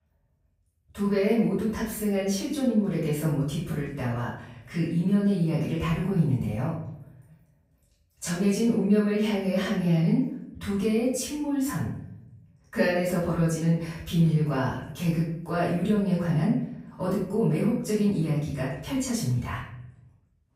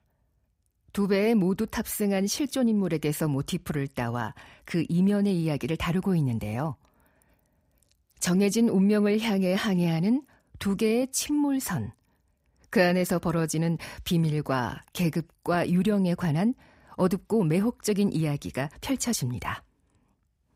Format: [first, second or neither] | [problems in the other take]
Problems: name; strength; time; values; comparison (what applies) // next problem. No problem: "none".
second | room echo; noticeable; dies away in 0.6 s // off-mic speech; far